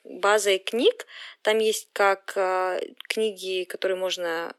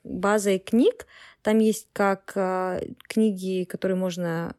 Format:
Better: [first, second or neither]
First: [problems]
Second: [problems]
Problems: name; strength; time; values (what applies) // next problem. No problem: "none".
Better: second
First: thin; very; fading below 350 Hz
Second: none